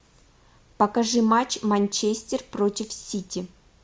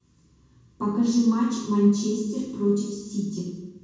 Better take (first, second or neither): first